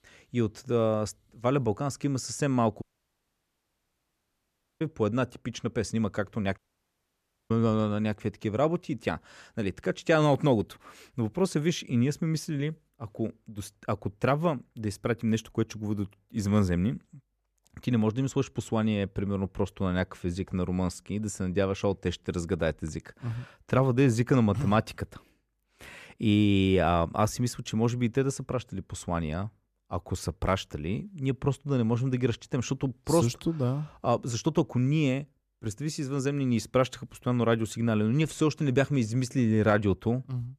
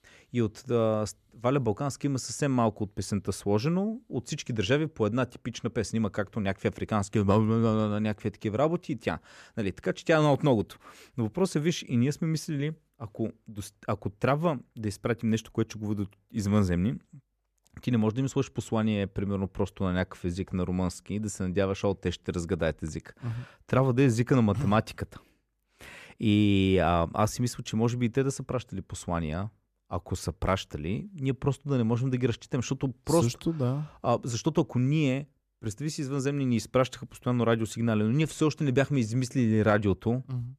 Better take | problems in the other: second | audio cutting out; at 3 s for 2 s and at 6.5 s for 1 s

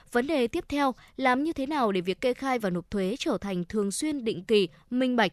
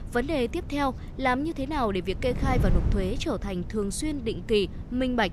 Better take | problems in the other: first | wind noise on the microphone; occasional gusts; 15 dB below the speech

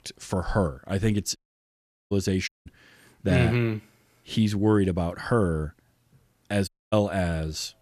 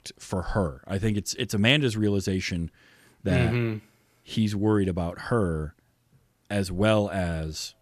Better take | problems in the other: second | audio cutting out; at 1.5 s for 0.5 s, at 2.5 s and at 6.5 s

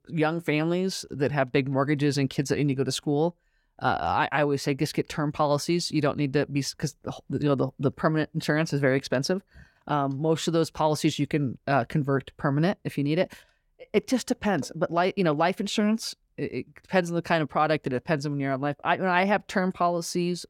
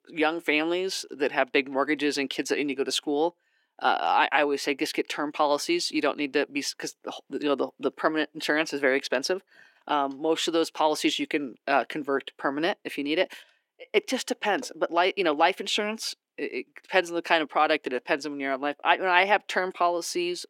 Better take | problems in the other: first | thin; somewhat; fading below 300 Hz

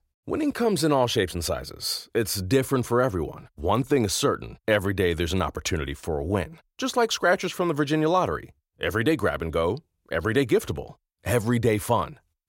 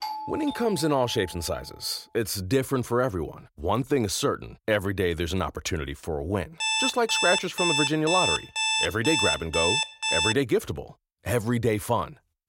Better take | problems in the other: first | doorbell; noticeable; until 1.5 s; peak 6 dB below the speech // alarm; loud; from 6.5 to 10 s; peak 4 dB above the speech

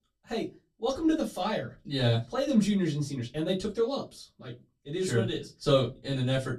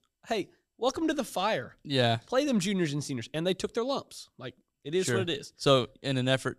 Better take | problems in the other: second | off-mic speech; far // room echo; very slight; dies away in 0.2 s

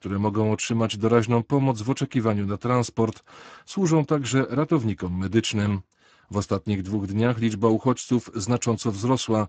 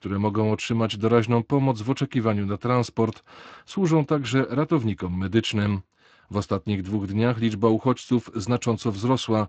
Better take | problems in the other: second | garbled, watery; badly; nothing above 7.5 kHz; slightly in the second

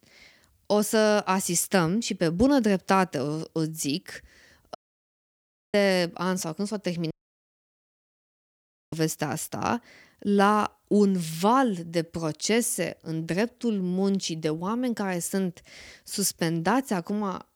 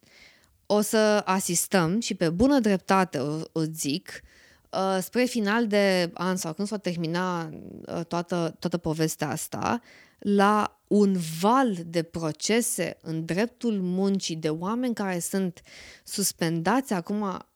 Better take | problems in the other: second | audio cutting out; at 5 s for 1 s and at 7 s for 2 s

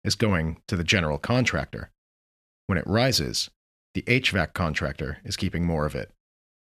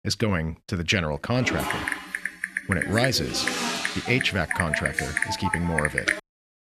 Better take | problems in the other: first | keyboard typing; loud; from 1.5 s on; peak 2 dB above the speech

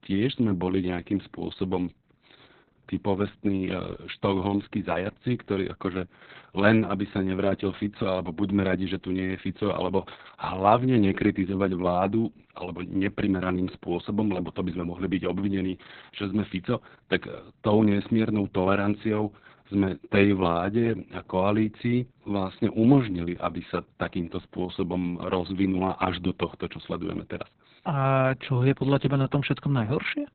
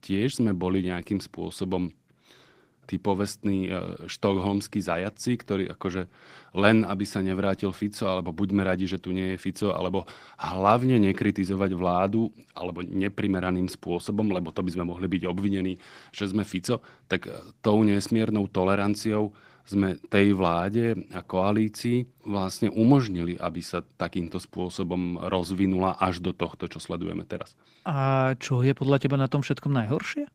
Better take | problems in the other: second | garbled, watery; badly; nothing above 4 kHz; slightly in the second

